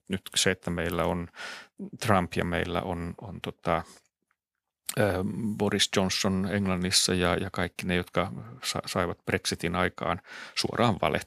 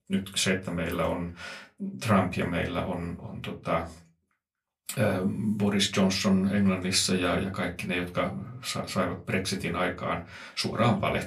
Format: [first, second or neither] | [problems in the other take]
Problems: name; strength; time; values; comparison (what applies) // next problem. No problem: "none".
first | off-mic speech; far // room echo; very slight; dies away in 0.3 s